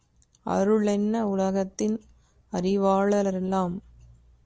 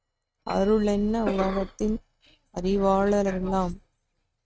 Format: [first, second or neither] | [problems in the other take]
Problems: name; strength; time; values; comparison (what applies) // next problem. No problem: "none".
first | noise reduction (neural mask model RNNoise)